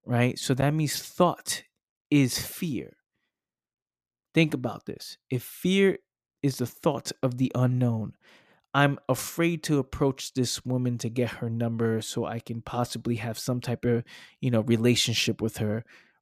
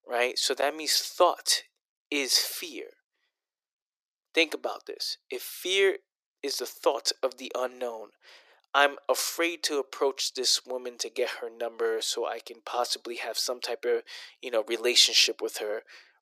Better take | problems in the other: first | thin; very; fading below 400 Hz

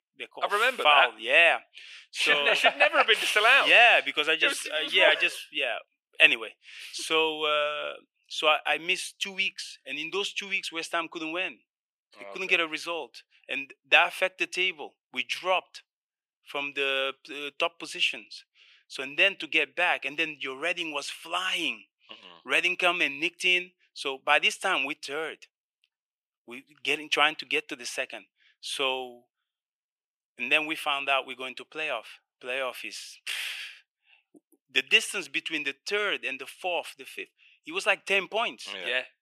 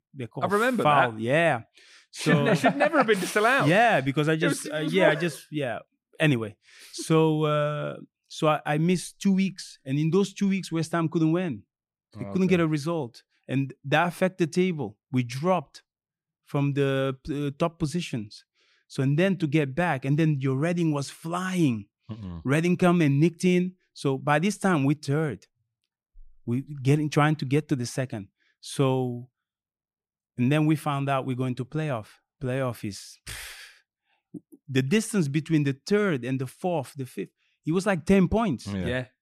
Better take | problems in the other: second | thin; very; fading below 500 Hz

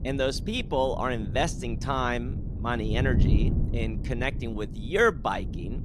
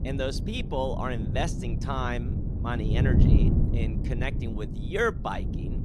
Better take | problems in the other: first | wind noise on the microphone; heavy; 7 dB below the speech; occasional gusts in the first

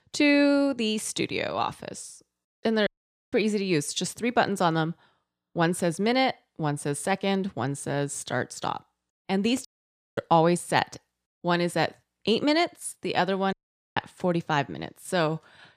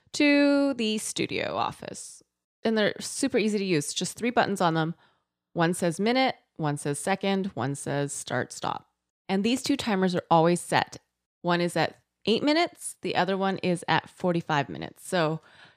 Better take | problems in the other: second | audio cutting out; at 3 s, at 9.5 s for 0.5 s and at 14 s

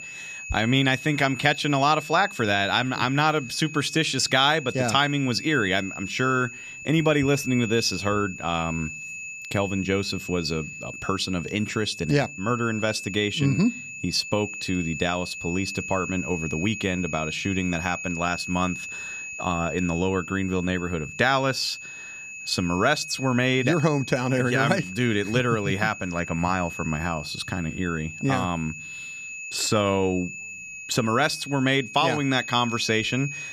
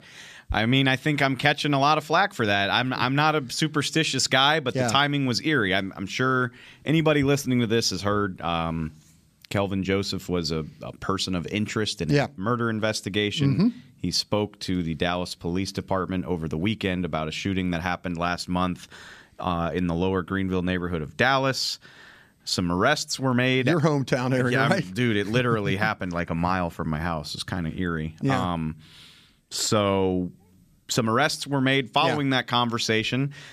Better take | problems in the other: second | high-pitched whine; loud; throughout; 2.5 kHz, 10 dB below the speech

